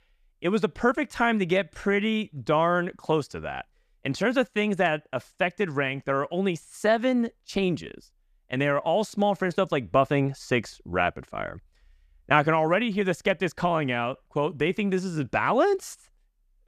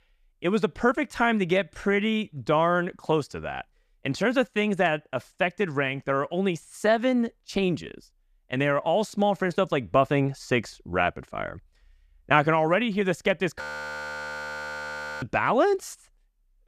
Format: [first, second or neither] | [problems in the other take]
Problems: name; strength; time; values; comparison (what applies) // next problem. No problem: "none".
first | audio freezing; at 14 s for 1.5 s